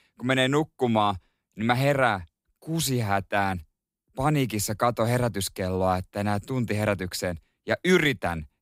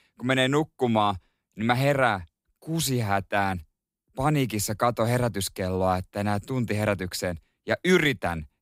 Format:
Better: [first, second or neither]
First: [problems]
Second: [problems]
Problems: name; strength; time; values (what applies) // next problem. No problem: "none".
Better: neither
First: none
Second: none